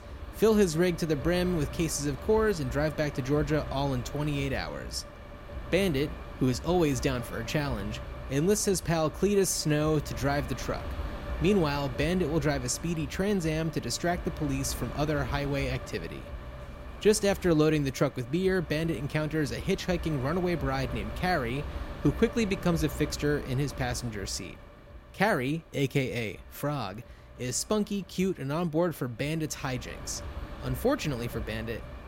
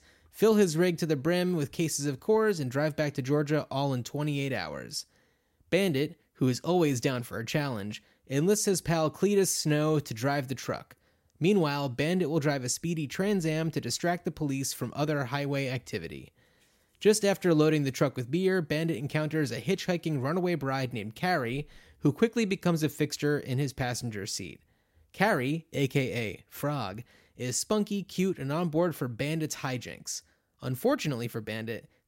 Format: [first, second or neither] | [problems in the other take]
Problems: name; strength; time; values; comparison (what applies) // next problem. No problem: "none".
second | wind noise on the microphone; occasional gusts; 15 dB below the speech